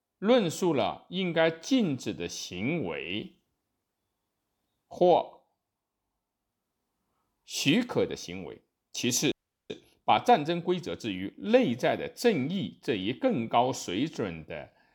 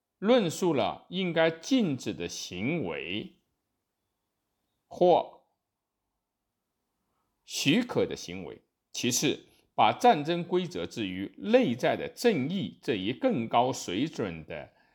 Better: second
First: audio freezing; at 9.5 s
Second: none

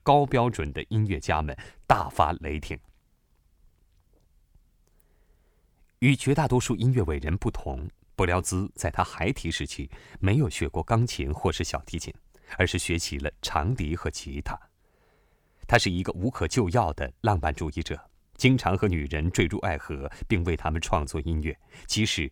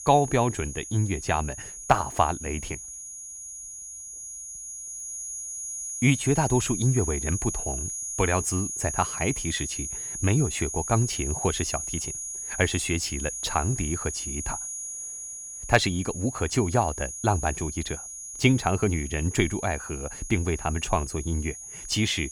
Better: first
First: none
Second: high-pitched whine; loud; throughout; 6.5 kHz, 6 dB below the speech

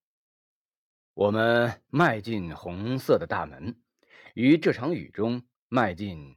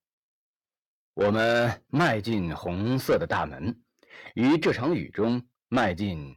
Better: first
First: none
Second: distortion; heavy; 7 dB below the speech

